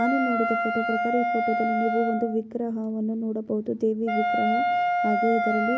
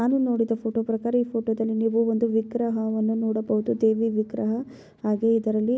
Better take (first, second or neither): second